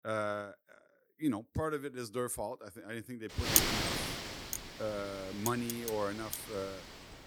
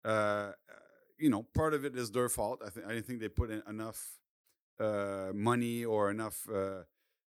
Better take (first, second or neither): second